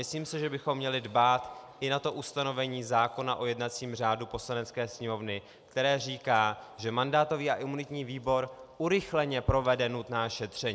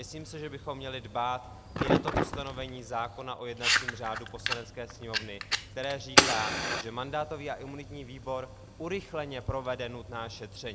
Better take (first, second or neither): first